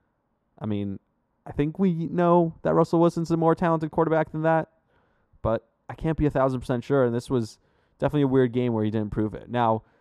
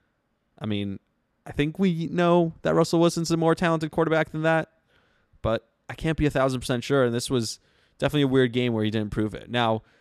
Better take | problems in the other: second | muffled; slightly; fading above 1.5 kHz

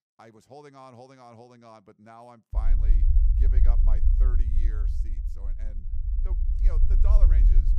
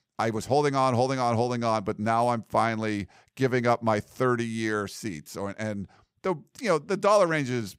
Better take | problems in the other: second | low rumble; loud; from 2.5 s on; 1 dB below the speech

